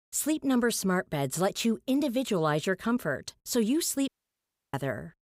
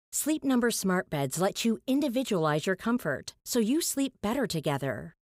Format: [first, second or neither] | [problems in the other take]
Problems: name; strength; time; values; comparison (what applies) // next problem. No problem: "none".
second | audio cutting out; at 4 s for 0.5 s